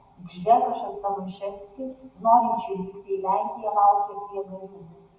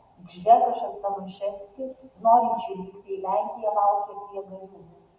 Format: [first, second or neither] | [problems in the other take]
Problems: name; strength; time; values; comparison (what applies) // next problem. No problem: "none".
second | room echo; dies away in 0.3 s